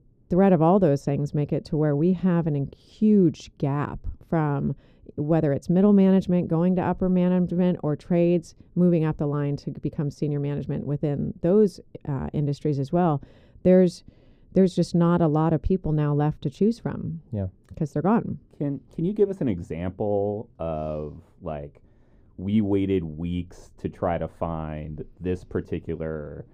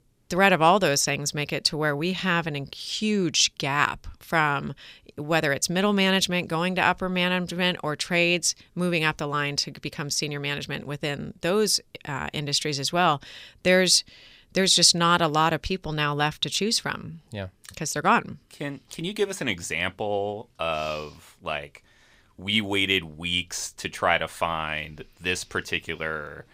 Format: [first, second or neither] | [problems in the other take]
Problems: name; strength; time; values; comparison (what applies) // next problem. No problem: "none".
second | muffled; very; fading above 1 kHz